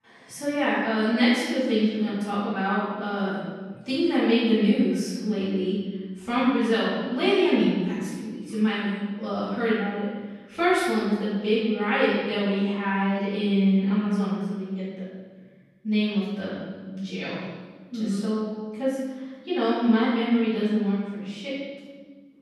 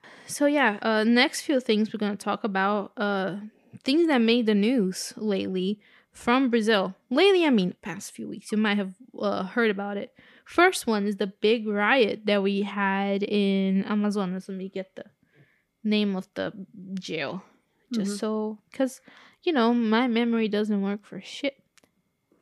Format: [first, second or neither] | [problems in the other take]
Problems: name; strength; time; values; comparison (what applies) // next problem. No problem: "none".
second | off-mic speech; far // room echo; strong; dies away in 1.4 s